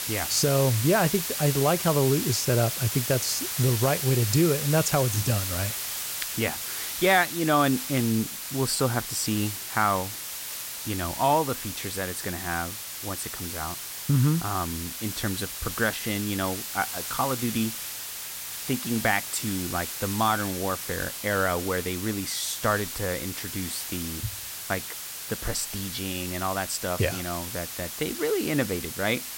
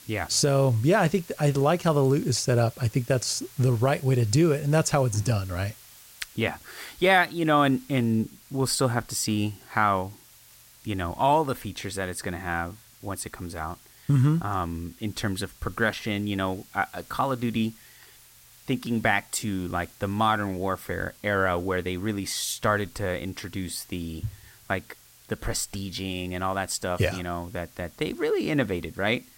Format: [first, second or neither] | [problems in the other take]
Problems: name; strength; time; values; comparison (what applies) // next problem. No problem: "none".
second | hiss; loud; throughout; 4 dB below the speech; faint in the second